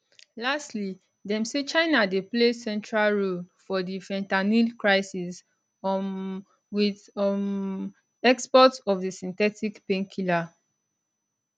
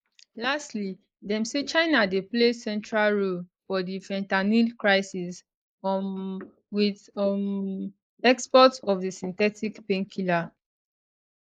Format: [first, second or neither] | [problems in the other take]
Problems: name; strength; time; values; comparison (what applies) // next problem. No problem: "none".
first | noise reduction (neural mask model Resemble Enhance denoiser)